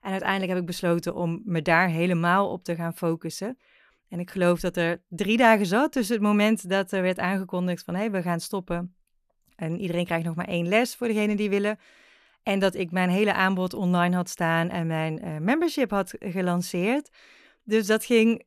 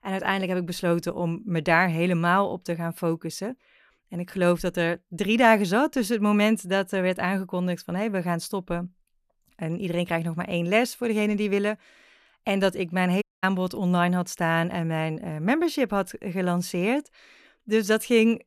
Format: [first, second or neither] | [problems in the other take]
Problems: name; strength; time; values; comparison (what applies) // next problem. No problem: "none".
first | audio cutting out; at 13 s